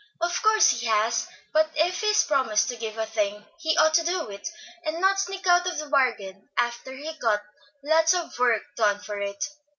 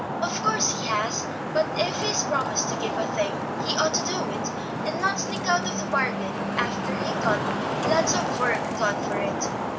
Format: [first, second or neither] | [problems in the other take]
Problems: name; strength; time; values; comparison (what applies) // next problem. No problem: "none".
first | background sound (Traffic noise, roadway noise); as loud as the speech